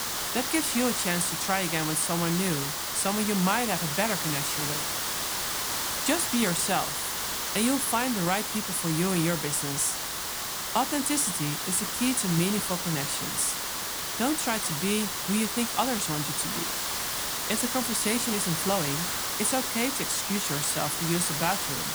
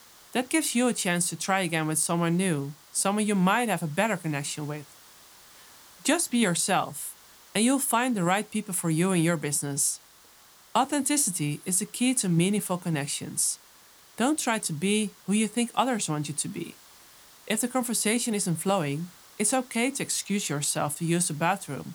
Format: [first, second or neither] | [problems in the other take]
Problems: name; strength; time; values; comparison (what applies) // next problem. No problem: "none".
second | hiss; loud; throughout; as loud as the speech; faint in the second